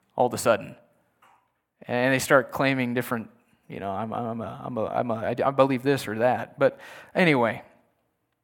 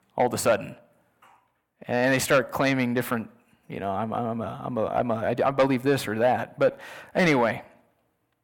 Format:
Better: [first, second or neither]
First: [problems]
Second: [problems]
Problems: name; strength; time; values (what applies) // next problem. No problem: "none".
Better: first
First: none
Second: distortion; slight; 10 dB below the speech